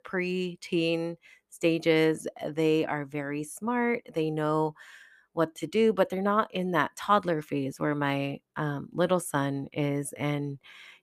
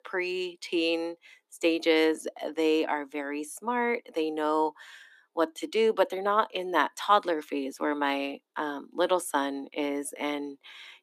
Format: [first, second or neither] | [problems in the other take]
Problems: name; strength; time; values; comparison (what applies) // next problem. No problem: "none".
first | thin; very slightly; fading below 250 Hz